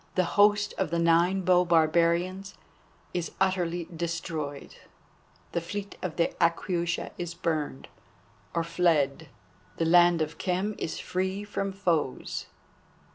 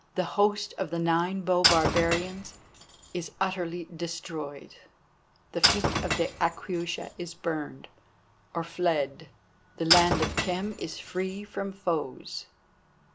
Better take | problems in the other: first | background sound (Shatter / Crushing); 1 dB below the speech

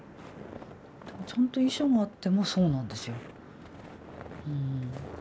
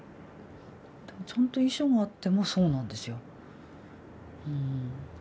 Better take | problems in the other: second | background sound (Walk, footsteps); 18 dB below the speech

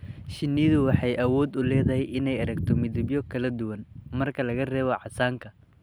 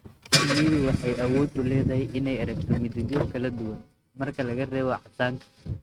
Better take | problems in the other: first | noise reduction (neural mask model RNNoise)

